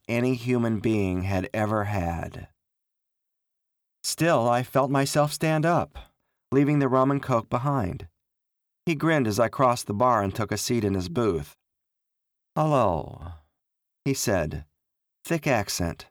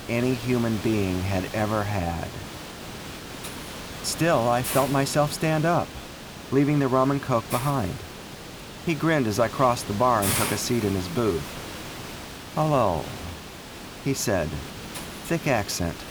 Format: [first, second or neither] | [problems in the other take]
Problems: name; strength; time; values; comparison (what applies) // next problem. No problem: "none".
first | hiss; loud; throughout; 10 dB below the speech